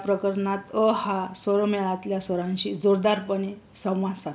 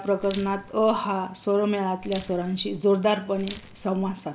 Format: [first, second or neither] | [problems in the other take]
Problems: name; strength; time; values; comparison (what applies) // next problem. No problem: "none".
first | background sound (Rattle); 17 dB below the speech